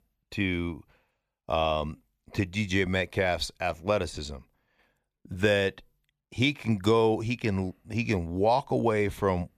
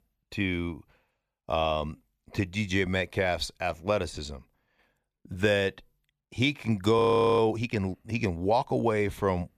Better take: first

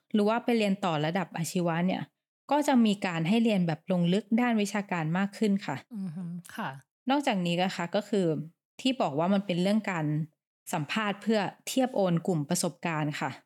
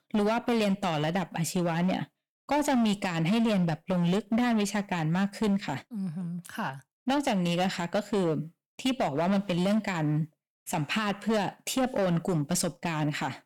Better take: first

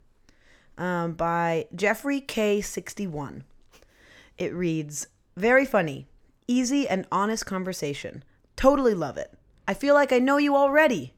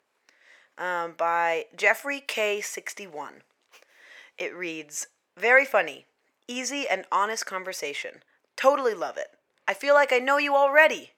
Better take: first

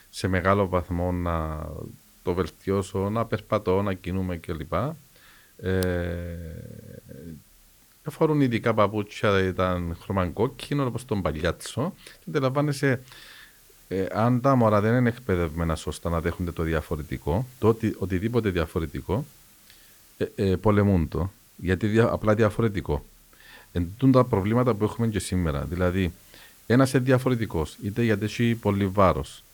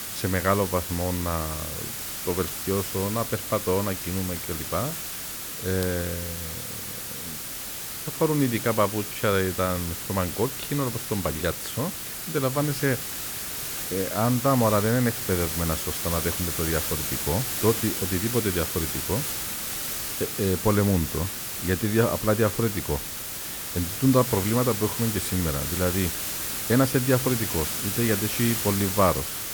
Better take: first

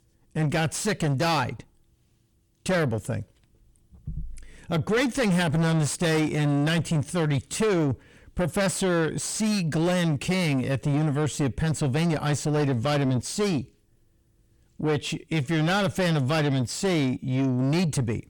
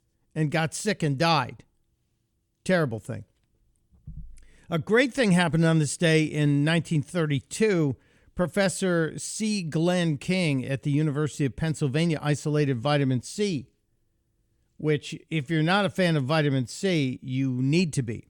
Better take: second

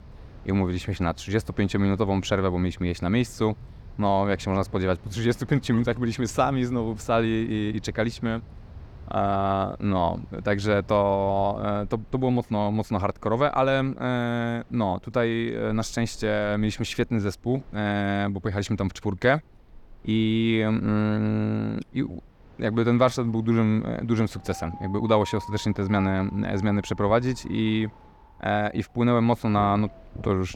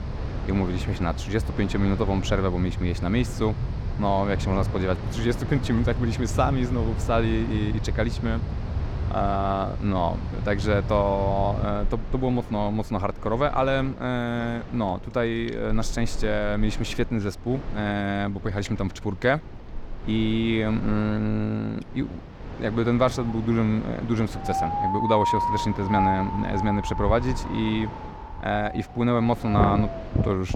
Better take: first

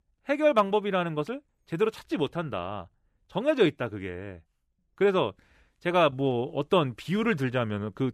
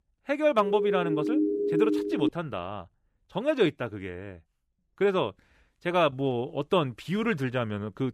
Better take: first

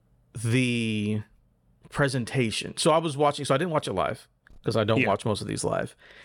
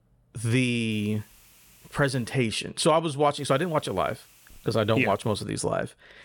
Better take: first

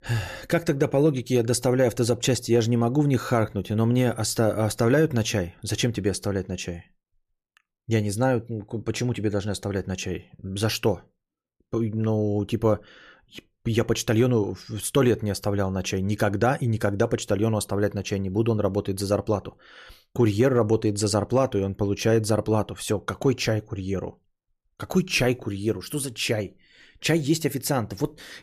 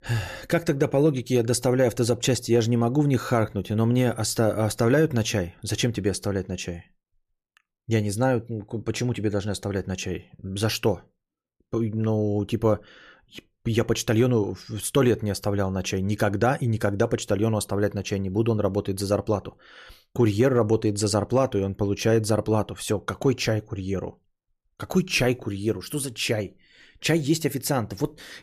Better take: neither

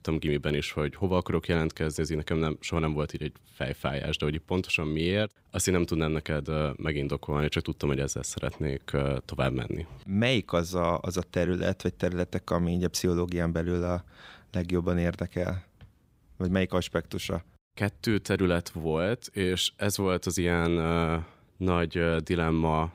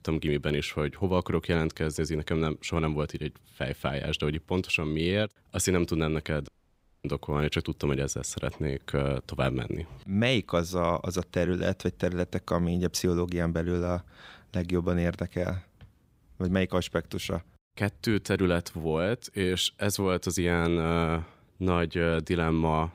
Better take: first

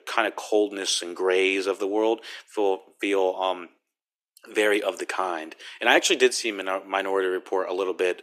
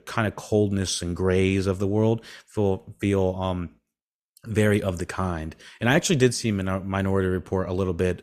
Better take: second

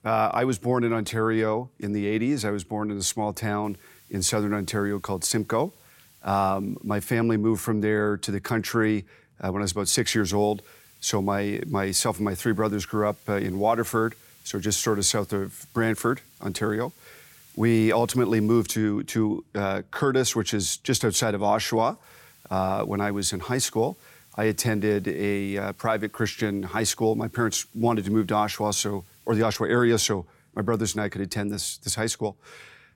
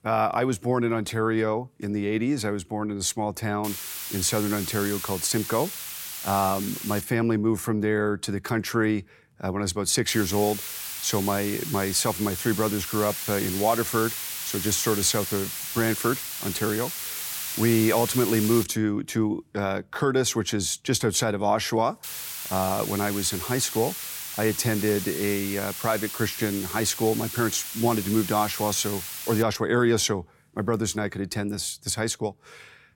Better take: first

